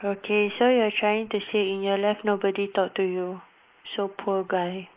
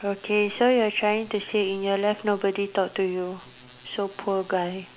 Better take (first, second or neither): second